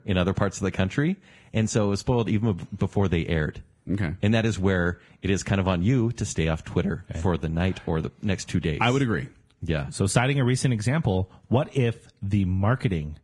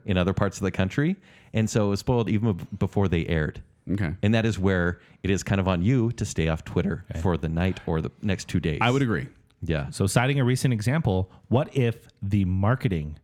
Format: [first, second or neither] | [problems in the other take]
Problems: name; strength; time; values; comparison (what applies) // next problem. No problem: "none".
second | garbled, watery; badly; nothing above 10 kHz